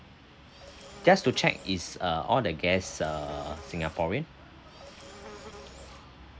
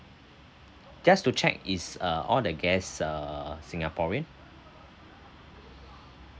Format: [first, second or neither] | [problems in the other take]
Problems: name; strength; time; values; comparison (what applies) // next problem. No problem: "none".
second | background sound (Insect); 18 dB below the speech